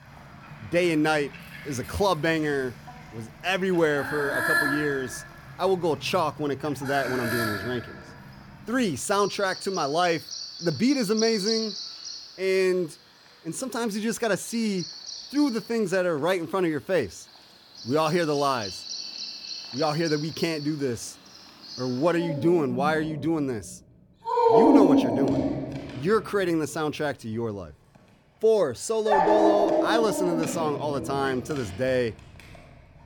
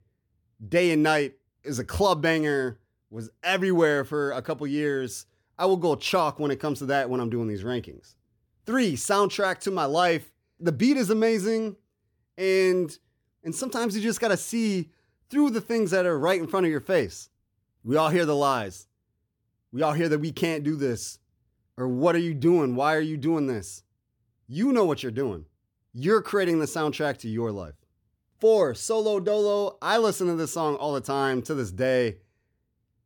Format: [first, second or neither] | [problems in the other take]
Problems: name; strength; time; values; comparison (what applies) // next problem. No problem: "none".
second | animal sounds; loud; throughout; 1 dB below the speech